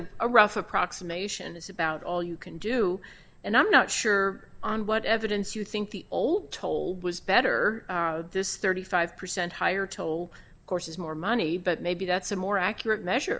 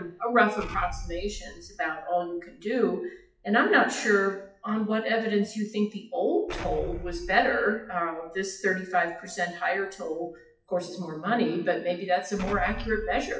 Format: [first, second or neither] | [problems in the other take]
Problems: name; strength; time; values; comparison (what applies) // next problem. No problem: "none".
first | noise reduction (classical method WPE with log-MMSE)